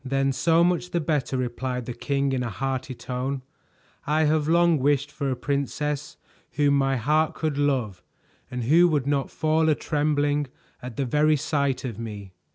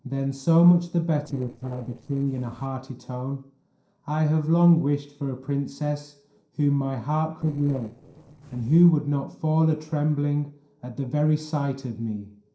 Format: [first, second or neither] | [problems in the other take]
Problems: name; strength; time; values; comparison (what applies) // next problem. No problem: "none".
first | noise reduction (neural separator model SepFormer DNS4)